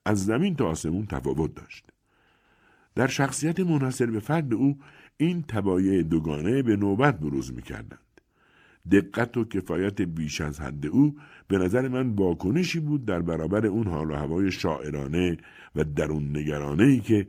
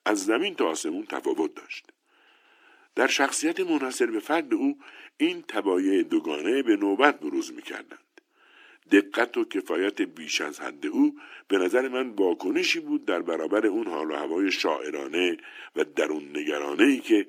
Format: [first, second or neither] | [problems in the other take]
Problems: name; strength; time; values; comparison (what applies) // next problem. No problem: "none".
first | thin; somewhat; fading below 300 Hz